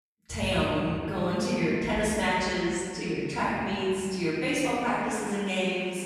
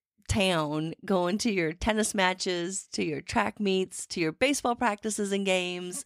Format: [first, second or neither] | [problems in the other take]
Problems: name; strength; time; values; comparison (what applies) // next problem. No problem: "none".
second | off-mic speech; far // room echo; strong; dies away in 2.5 s